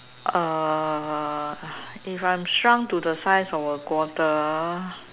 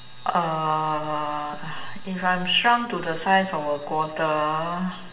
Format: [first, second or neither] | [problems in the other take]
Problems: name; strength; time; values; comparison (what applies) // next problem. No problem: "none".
first | room echo; dies away in 0.9 s